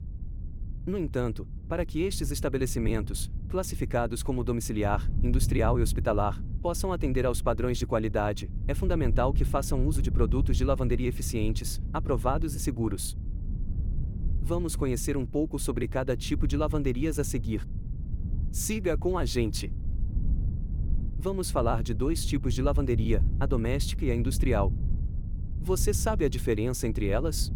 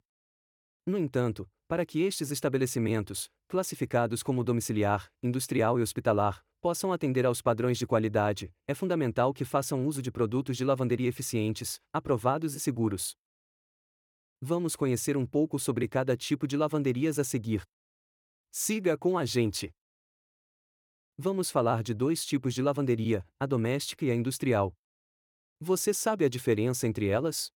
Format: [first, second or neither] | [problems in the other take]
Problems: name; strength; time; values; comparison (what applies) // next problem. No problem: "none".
second | wind noise on the microphone; occasional gusts; 15 dB below the speech